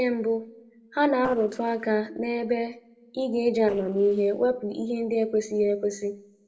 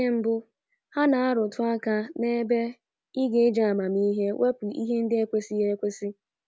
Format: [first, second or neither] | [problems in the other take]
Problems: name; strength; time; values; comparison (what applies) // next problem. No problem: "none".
second | noise reduction (neural separator model SepFormer DNS4)